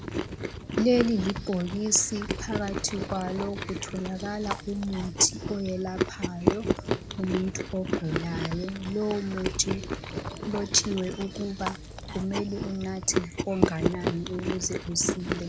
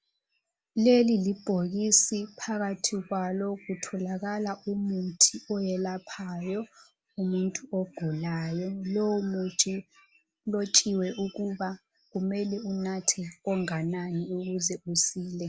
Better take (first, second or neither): second